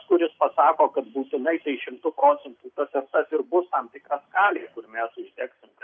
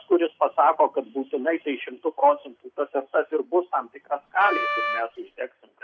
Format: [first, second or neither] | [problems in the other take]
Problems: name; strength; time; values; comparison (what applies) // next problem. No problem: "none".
first | background sound (Wind instrument, woodwind instrument); 4 dB below the speech